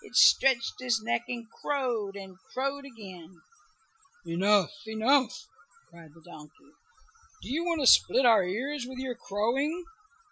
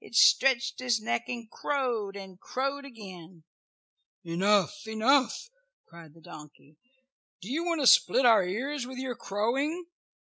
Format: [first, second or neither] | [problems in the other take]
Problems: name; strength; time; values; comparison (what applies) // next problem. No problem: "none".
second | noise reduction (classical method Wiener filter)